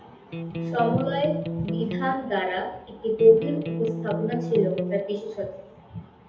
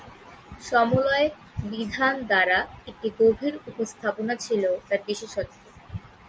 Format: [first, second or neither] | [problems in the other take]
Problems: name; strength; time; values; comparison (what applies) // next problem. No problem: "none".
second | background sound (Electric guitar); 5 dB below the speech // room echo; dies away in 0.7 s